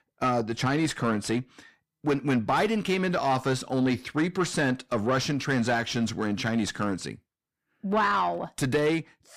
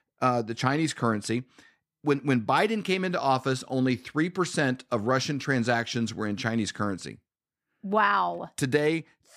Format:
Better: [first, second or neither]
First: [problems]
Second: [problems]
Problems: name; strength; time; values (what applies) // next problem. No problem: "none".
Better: second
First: distortion; slight; 9 dB below the speech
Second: none